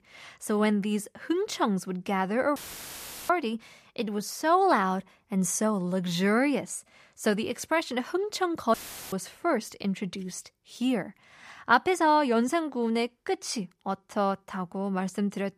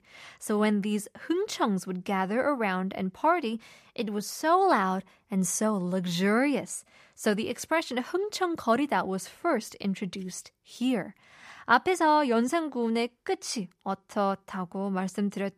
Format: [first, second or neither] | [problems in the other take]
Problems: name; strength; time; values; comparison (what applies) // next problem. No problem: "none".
second | audio cutting out; filled with static; at 2.5 s for 0.5 s and at 8.5 s